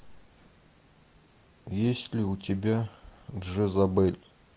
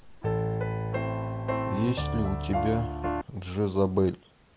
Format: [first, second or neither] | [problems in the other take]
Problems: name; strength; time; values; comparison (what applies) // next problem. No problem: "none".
first | background sound (Piano); 1 dB above the speech